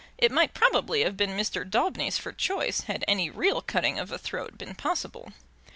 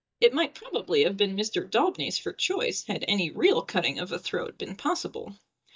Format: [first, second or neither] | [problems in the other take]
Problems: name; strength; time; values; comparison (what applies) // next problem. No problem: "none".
first | noise reduction (neural mask model DeepFilterNet 3)